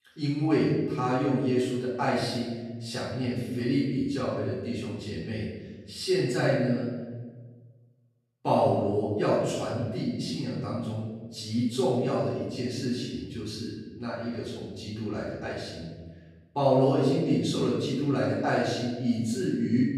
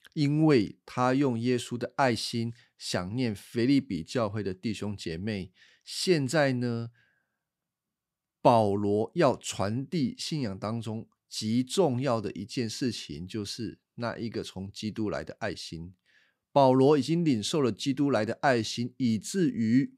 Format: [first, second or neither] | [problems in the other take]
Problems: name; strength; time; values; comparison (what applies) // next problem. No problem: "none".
second | room echo; strong; dies away in 1.2 s // off-mic speech; far